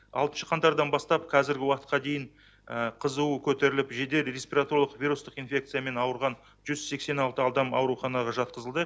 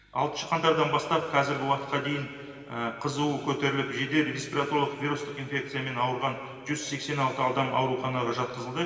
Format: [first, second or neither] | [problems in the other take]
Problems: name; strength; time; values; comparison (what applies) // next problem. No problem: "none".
first | room echo; dies away in 2.5 s